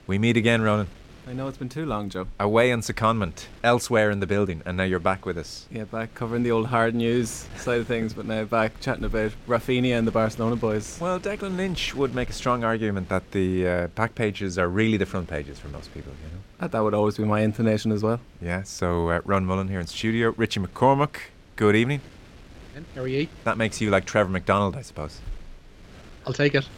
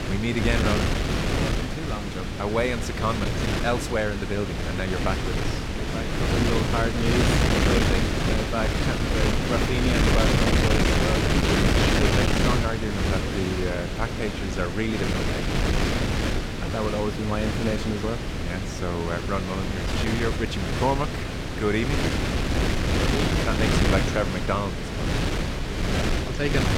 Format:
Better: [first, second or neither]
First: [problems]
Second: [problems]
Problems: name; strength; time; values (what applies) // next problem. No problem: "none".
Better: first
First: wind noise on the microphone; occasional gusts; 25 dB below the speech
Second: wind noise on the microphone; heavy; 2 dB above the speech